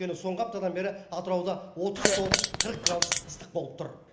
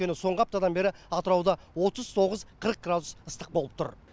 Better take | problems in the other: second | background sound (Fart); 5 dB above the speech // room echo; dies away in 0.8 s

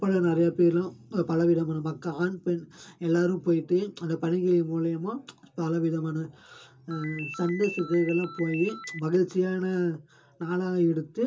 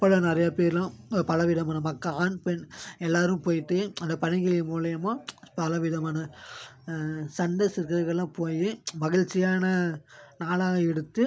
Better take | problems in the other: second | background sound (Ringtone); 13 dB below the speech // room echo; dies away in 0.2 s

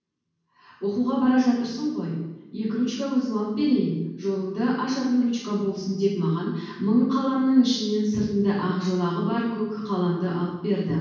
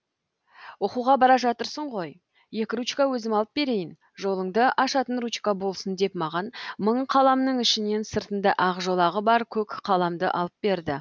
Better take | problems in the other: second | room echo; dies away in 1.2 s

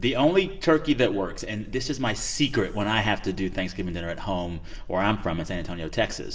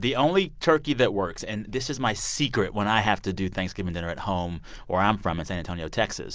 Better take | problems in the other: second | room echo; dies away in 1.9 s

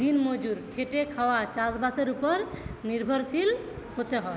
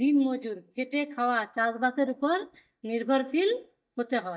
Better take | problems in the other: first | noise reduction (neural mask model DeepFilterNet 3)

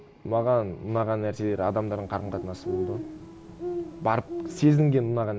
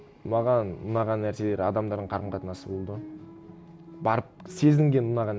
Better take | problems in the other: second | background sound (Bird); 10 dB below the speech

